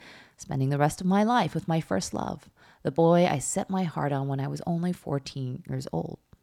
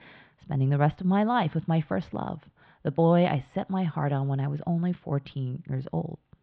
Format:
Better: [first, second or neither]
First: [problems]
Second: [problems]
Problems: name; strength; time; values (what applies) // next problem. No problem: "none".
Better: first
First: none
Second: muffled; very; fading above 3.5 kHz